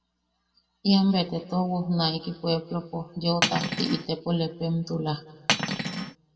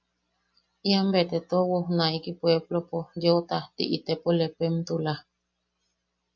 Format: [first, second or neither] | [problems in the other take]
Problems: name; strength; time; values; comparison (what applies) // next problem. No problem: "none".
second | background sound (Cutlery, silverware); as loud as the speech // room echo; dies away in 1.4 s